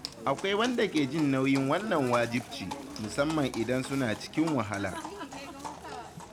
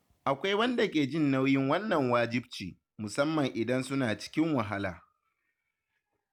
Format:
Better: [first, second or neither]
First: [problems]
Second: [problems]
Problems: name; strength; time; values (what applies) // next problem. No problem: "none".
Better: second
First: background sound (Livestock, farm animals, working animals); 12 dB below the speech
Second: none